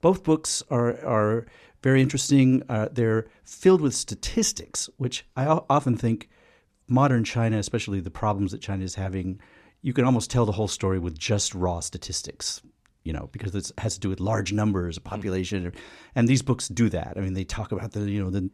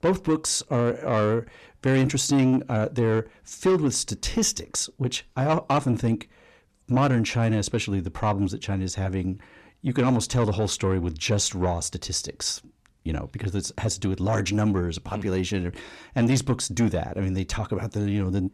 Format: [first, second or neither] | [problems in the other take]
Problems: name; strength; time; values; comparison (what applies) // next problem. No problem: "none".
first | distortion; slight; 10 dB below the speech